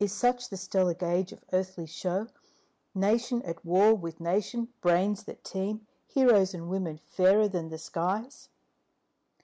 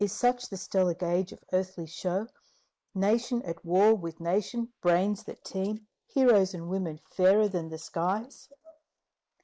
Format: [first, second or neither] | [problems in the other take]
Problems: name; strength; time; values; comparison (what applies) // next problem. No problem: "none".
first | noise reduction (neural mask model Resemble Enhance denoiser)